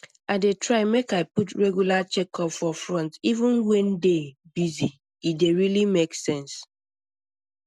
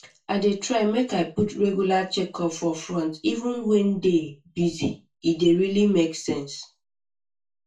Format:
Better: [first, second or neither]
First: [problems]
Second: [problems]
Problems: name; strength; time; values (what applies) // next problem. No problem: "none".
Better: first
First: none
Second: room echo; dies away in 0.2 s